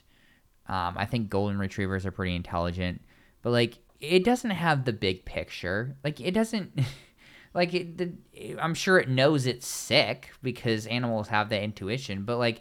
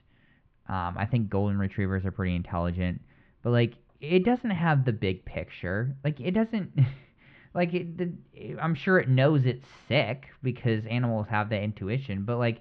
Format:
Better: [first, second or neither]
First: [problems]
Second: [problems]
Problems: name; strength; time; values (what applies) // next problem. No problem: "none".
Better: first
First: none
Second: muffled; very; fading above 3 kHz